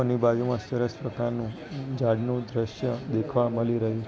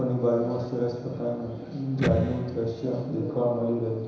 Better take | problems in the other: first | background sound (Electric guitar); 4 dB below the speech // room echo; dies away in 1 s

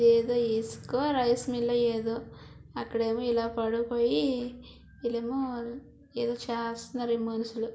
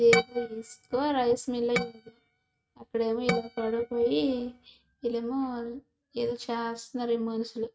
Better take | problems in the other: first | noise reduction (neural mask model RNNoise)

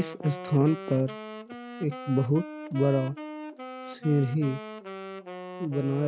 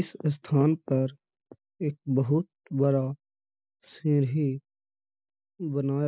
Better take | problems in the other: second | background sound (Wind instrument, woodwind instrument); 11 dB below the speech

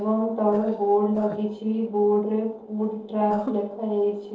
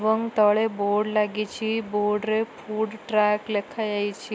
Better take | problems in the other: second | noise reduction (neural separator model SepFormer DNS4)

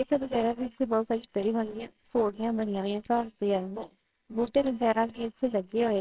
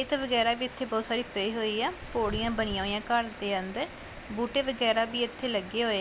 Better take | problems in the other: second | noise reduction (neural separator model SepFormer WHAMR!)

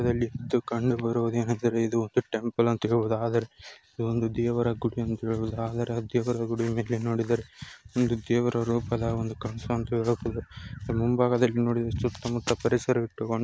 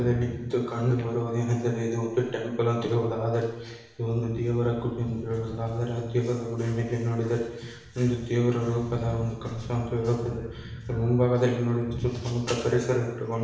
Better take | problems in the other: first | room echo; dies away in 0.9 s

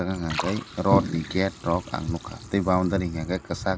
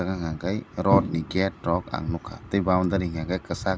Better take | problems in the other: second | background sound (Liquid); 15 dB below the speech

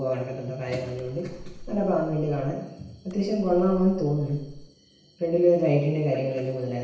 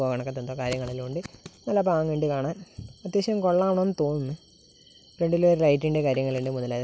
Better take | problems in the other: second | background sound (Splash, splatter); 16 dB below the speech // room echo; dies away in 0.9 s

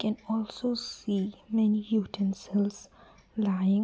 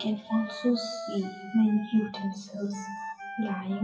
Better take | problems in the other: first | noise reduction (classical method WPE with log-MMSE)

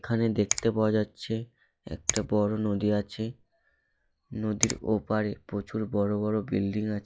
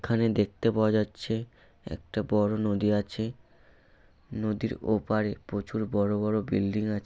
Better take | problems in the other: second | noise reduction (classical method log-MMSE)

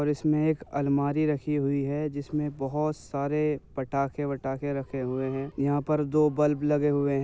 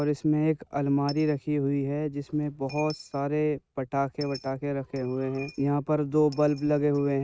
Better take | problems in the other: first | noise reduction (neural mask model RNNoise)

